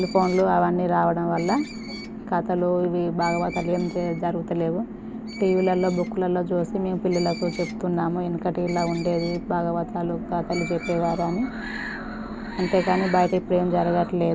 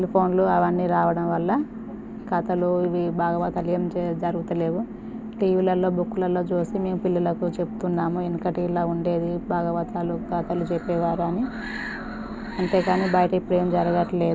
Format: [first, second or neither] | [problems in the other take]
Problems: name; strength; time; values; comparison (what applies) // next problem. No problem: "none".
second | background sound (Screech); 20 dB below the speech